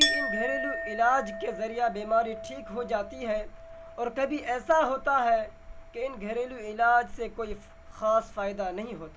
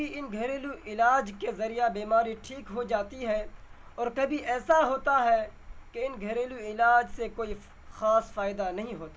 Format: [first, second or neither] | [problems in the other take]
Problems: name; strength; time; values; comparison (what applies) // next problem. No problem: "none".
second | background sound (Chink, clink); 7 dB below the speech